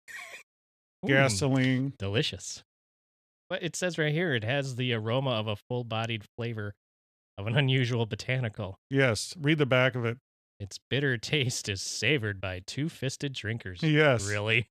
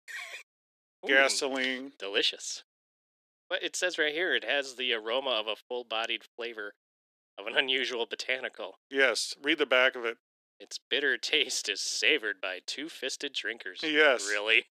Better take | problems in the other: first | thin; very; fading below 300 Hz

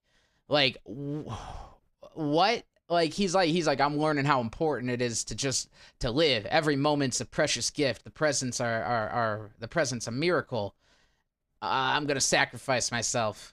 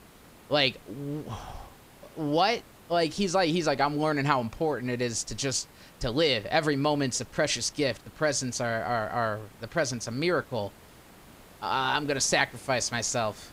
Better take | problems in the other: first | hiss; faint; throughout; 25 dB below the speech

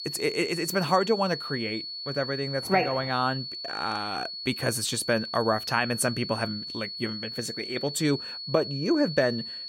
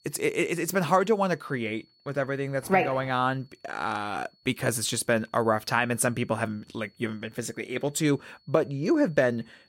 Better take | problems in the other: second | high-pitched whine; loud; throughout; 4.5 kHz, 6 dB below the speech; faint in the second

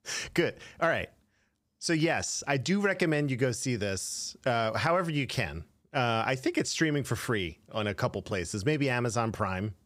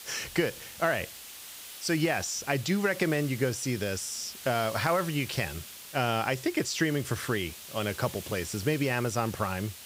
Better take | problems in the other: first | hiss; noticeable; throughout; 10 dB below the speech

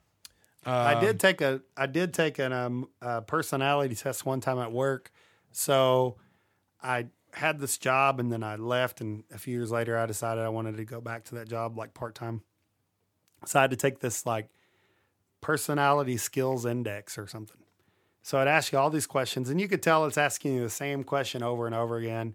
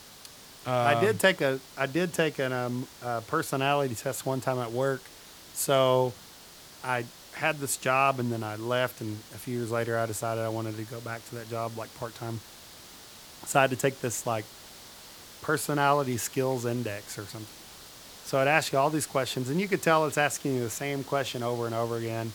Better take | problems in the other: first | hiss; noticeable; throughout; 20 dB below the speech

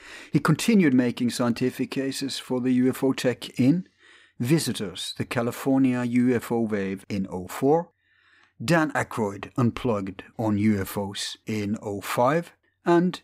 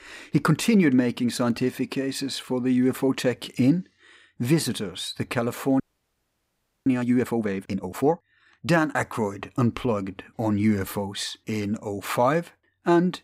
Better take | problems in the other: first | audio freezing; at 6 s for 1 s

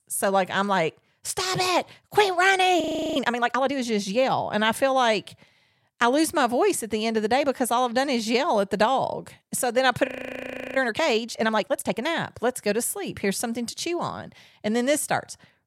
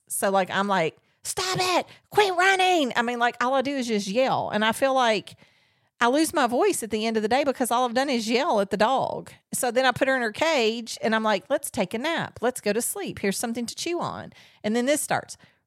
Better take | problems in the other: second | audio freezing; at 3 s and at 10 s for 0.5 s

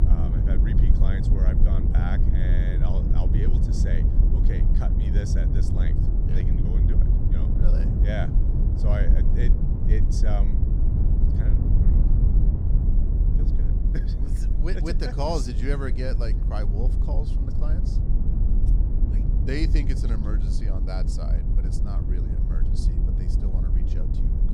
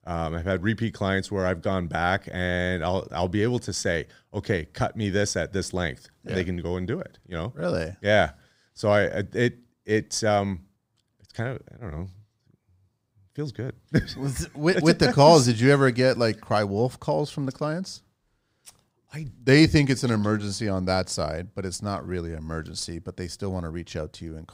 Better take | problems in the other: second | low rumble; loud; throughout; 2 dB below the speech

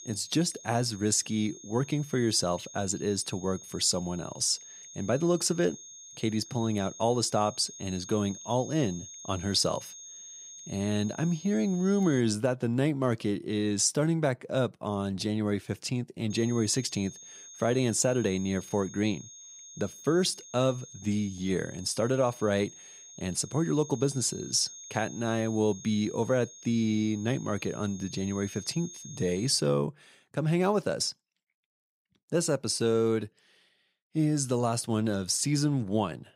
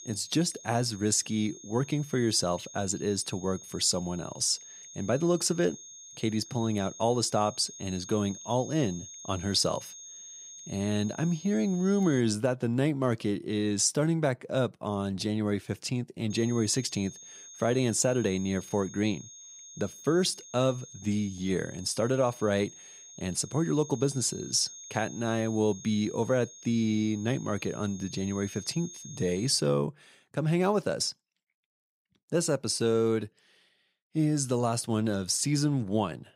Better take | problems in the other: neither | high-pitched whine; noticeable; until 12 s and from 16 to 30 s; 6.5 kHz, 15 dB below the speech; the same in both

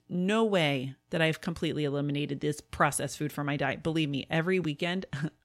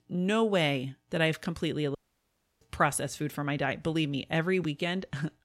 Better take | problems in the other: first | audio cutting out; at 2 s for 0.5 s

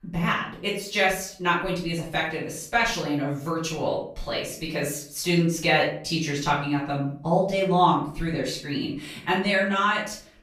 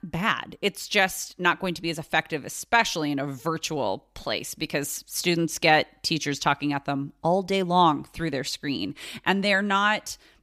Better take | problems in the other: second | room echo; noticeable; dies away in 0.4 s // off-mic speech; far

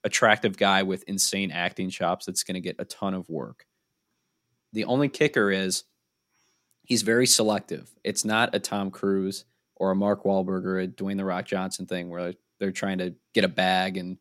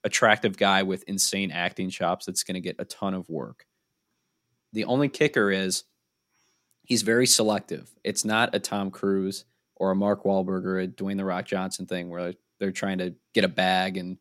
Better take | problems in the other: neither | none

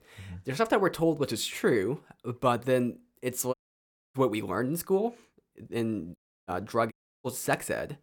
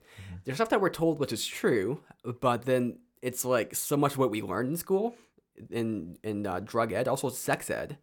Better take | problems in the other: second | audio cutting out; at 3.5 s for 0.5 s, at 6 s and at 7 s

